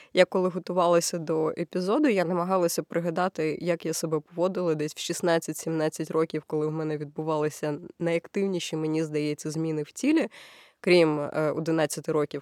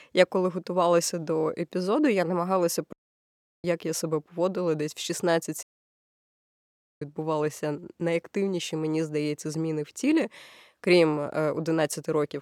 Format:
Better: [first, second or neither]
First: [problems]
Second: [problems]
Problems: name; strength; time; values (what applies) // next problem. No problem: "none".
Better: first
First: none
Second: audio cutting out; at 3 s for 0.5 s and at 5.5 s for 1.5 s